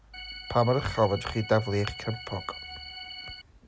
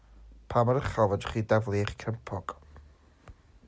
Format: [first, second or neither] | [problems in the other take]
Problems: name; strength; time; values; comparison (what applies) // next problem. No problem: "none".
second | background sound (Organ); 13 dB below the speech